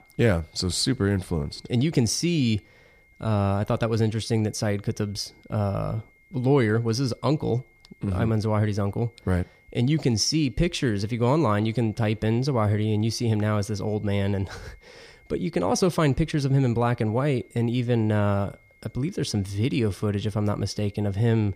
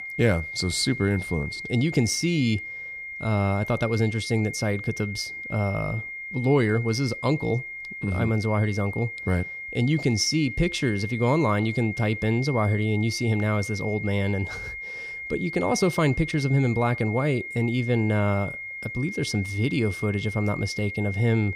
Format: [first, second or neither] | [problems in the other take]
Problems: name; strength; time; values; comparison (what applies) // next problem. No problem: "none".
first | high-pitched whine; loud; throughout; 2 kHz, 8 dB below the speech; faint in the first